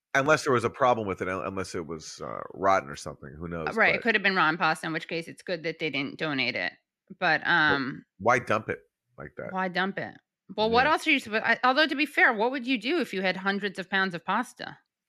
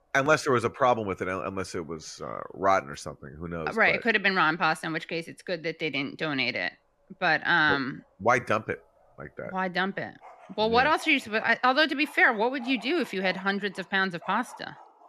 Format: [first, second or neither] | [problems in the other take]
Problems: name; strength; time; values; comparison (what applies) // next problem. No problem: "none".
first | animal sounds; faint; throughout; 25 dB below the speech